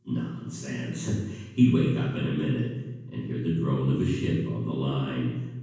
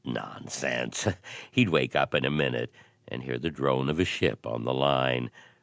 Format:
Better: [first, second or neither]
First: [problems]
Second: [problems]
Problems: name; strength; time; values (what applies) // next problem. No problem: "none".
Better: second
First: room echo; dies away in 1.2 s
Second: none